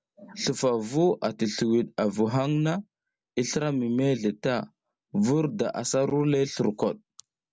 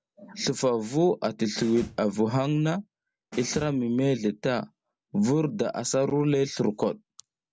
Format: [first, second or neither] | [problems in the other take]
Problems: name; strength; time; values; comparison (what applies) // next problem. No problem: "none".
first | background sound (Snare drum); 18 dB below the speech